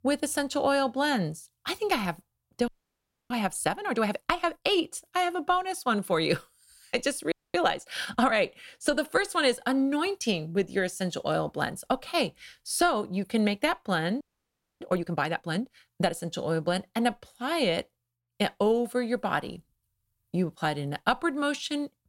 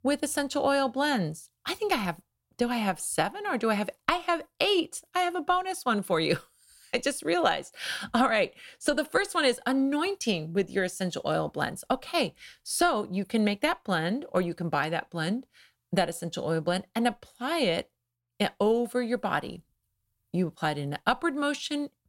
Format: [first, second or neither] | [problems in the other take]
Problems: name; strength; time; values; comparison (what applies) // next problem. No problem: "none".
second | audio freezing; at 2.5 s for 0.5 s, at 7.5 s and at 14 s for 0.5 s